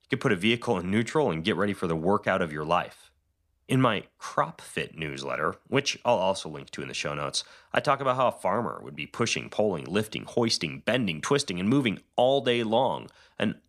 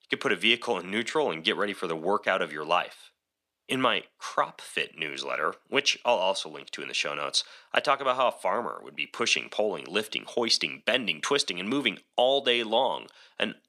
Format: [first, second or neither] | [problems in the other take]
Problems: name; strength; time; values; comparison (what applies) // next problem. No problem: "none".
first | thin; very slightly; fading below 300 Hz